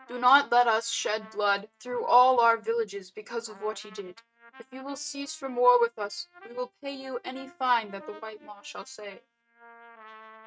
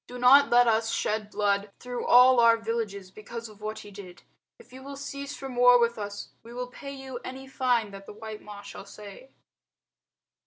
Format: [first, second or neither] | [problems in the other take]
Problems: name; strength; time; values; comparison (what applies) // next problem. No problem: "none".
second | noise reduction (neural mask model RNNoise)